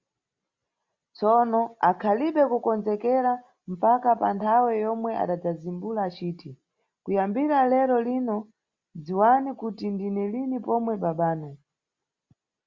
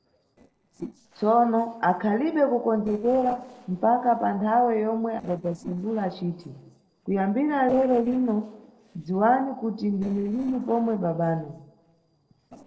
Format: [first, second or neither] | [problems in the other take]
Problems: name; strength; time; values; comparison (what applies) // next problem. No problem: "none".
first | noise reduction (neural separator model SepFormer DNS4)